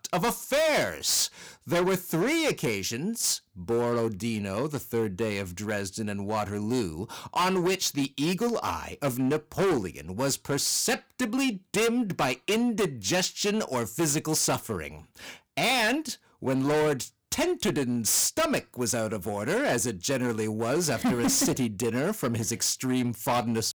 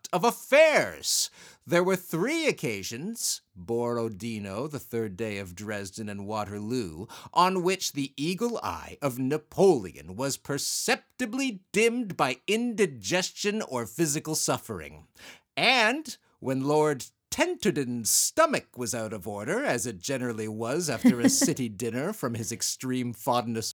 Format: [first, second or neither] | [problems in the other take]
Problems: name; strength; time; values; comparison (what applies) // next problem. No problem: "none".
second | distortion; heavy; 13% of the sound clipped